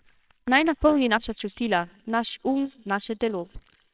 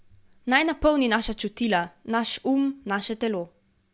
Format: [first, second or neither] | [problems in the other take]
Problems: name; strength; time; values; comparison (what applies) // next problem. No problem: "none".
second | noise reduction (neural separator model SepFormer WHAMR!)